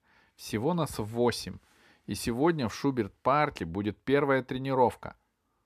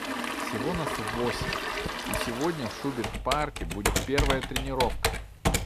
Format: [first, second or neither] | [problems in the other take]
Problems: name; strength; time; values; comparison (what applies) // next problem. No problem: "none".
first | household noises; very loud; throughout; 1 dB above the speech